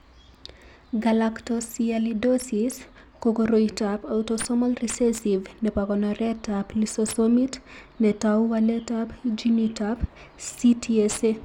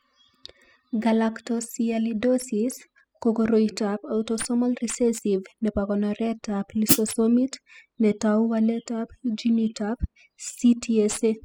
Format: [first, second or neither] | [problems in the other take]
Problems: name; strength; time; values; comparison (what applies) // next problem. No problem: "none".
first | noise reduction (classical method spectral subtraction)